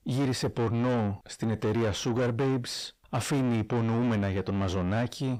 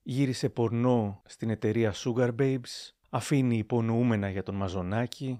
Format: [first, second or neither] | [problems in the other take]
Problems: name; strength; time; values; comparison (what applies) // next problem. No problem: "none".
second | distortion; heavy; 7 dB below the speech